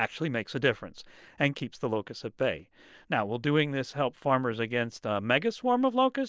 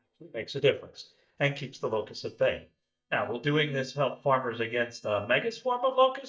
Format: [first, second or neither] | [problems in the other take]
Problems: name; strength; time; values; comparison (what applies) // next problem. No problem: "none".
first | noise reduction (neural mask model DeepFilterNet 3)